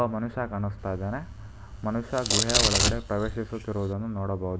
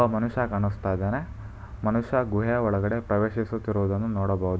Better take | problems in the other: second | background sound (Domestic sounds, home sounds); as loud as the speech

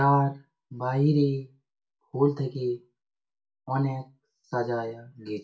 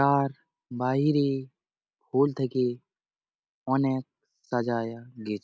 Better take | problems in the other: second | room echo; dies away in 0.2 s

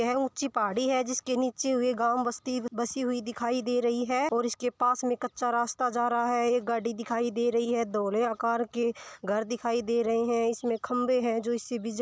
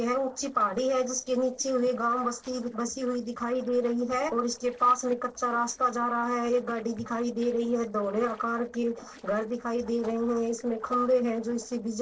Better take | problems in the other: first | noise reduction (neural separator model SepFormer DNS4)

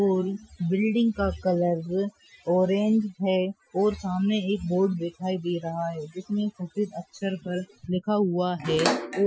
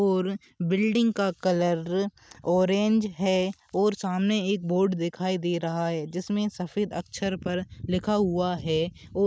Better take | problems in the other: second | noise reduction (classical method Wiener filter)

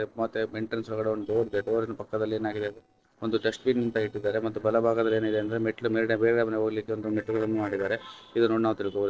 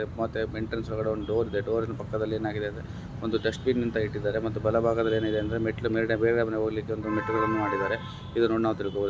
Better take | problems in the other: second | noise reduction (neural separator model SepFormer DNS4)

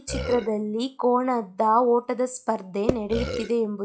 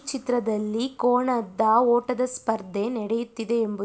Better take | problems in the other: second | noise reduction (classical method log-MMSE)

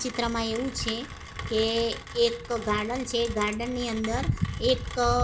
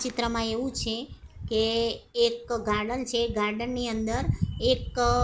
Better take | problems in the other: second | background sound (Rain); 13 dB below the speech

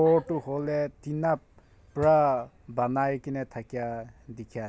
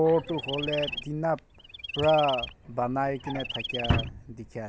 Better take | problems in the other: first | background sound (Chirp, tweet + Drawer open or close); 6 dB below the speech

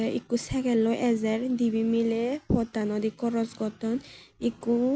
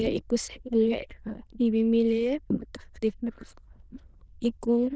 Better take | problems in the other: first | noise reduction (neural diffusion model UNIVERSE++)

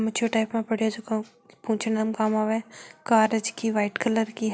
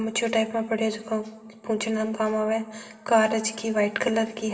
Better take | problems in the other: first | room echo; dies away in 2.5 s

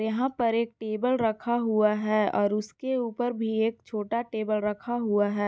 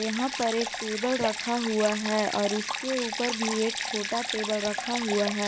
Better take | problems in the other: first | background sound (Stream); 4 dB below the speech

